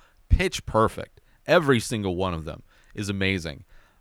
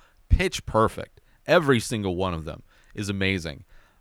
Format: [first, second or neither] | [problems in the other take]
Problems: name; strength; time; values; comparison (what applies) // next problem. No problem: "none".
neither | none